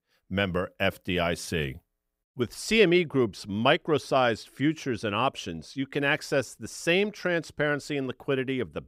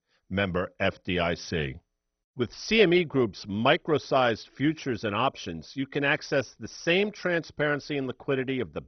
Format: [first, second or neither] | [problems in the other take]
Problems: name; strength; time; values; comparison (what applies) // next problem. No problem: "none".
first | garbled, watery; badly; nothing above 6 kHz